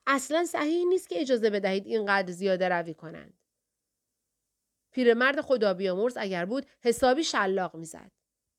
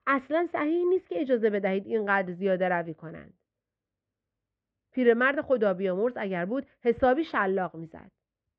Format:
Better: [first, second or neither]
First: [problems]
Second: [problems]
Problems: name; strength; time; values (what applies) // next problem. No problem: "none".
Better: first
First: none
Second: muffled; very; fading above 2.5 kHz